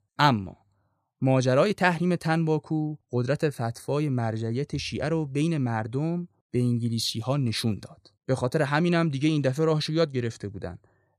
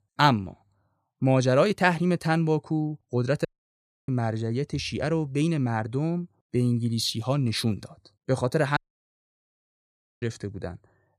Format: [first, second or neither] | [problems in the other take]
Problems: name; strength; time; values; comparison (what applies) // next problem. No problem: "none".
first | audio cutting out; at 3.5 s for 0.5 s and at 9 s for 1.5 s